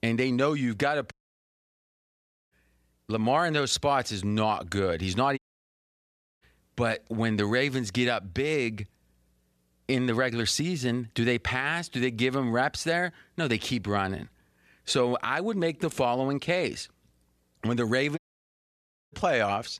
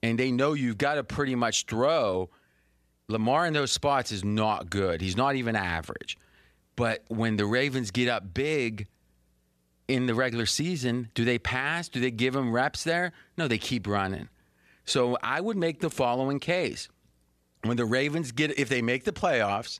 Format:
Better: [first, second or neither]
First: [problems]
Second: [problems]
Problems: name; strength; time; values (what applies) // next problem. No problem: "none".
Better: second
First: audio cutting out; at 1 s for 1.5 s, at 5.5 s for 1 s and at 18 s for 1 s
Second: none